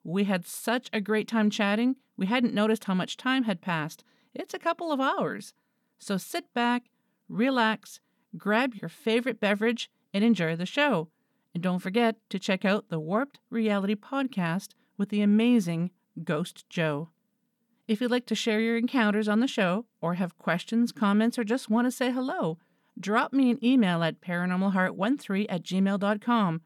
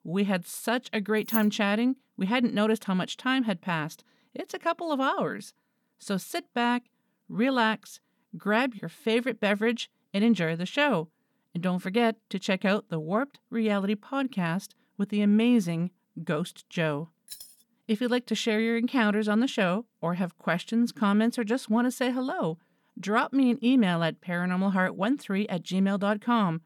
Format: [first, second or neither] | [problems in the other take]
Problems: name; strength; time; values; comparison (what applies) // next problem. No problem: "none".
first | jangling keys; noticeable; at 1.5 s; peak 5 dB below the speech // jangling keys; faint; at 17 s; peak 15 dB below the speech